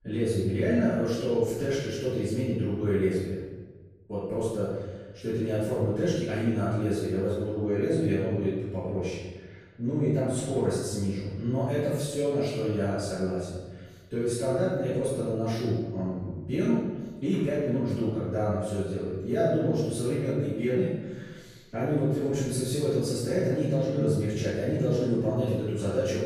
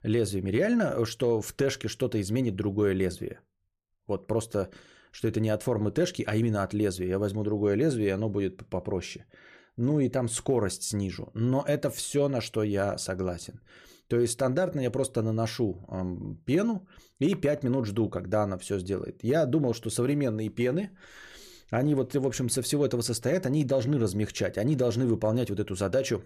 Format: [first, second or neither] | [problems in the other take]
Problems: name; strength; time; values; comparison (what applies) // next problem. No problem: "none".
second | off-mic speech; far // room echo; strong; dies away in 1.2 s